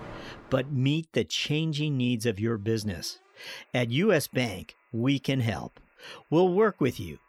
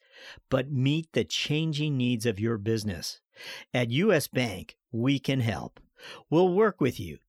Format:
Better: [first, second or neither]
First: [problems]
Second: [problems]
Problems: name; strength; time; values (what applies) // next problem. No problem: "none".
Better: second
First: alarms or sirens; faint; throughout; 25 dB below the speech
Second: none